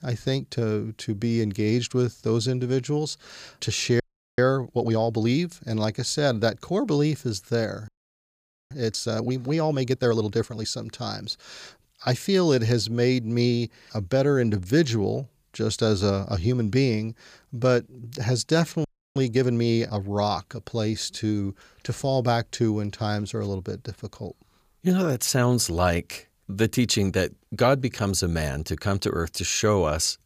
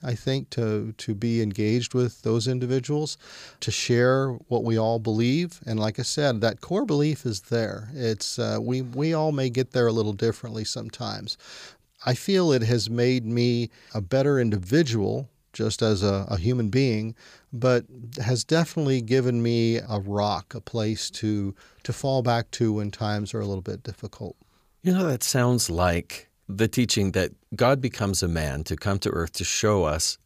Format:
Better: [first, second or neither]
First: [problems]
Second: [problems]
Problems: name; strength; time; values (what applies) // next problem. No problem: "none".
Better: second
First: audio freezing; at 4 s, at 8 s for 1 s and at 19 s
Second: none